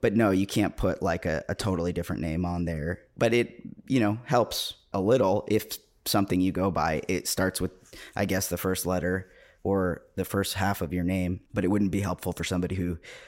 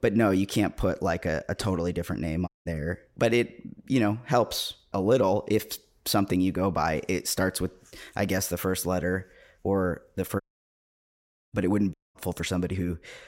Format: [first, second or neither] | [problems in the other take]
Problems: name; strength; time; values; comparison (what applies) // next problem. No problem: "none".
first | audio cutting out; at 2.5 s, at 10 s for 1 s and at 12 s